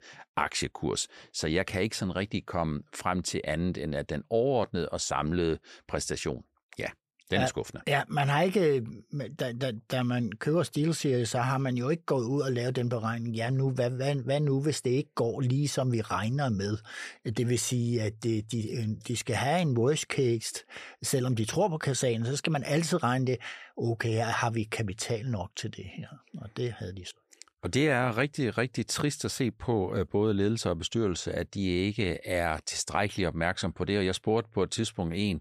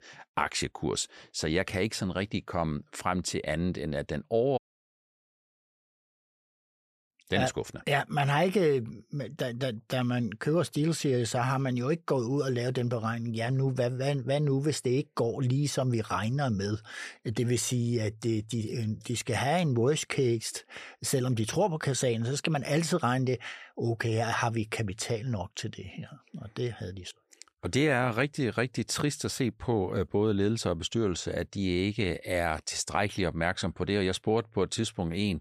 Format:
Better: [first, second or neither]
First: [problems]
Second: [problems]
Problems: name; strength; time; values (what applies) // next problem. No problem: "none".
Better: first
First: none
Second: audio cutting out; at 4.5 s for 2.5 s